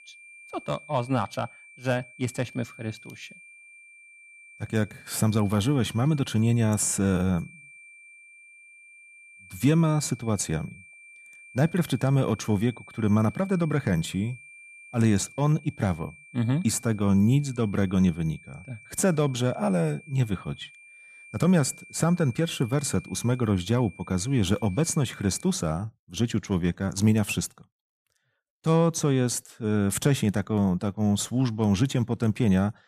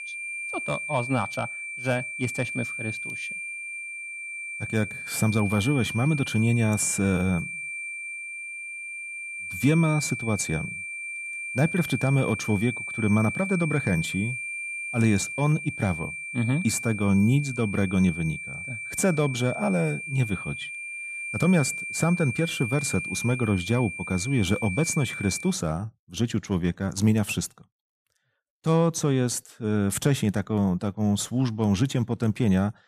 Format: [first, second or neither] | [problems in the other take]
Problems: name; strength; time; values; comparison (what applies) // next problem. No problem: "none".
first | high-pitched whine; loud; until 25 s; 2.5 kHz, 6 dB below the speech; faint in the first